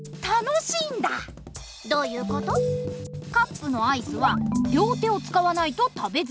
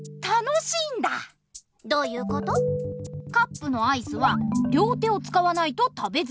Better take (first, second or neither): second